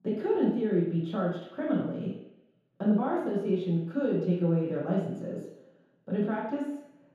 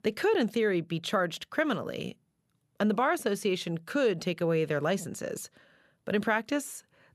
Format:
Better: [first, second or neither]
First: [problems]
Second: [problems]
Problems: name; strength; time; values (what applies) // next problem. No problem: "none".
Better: second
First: room echo; strong; dies away in 0.8 s // off-mic speech; far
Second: none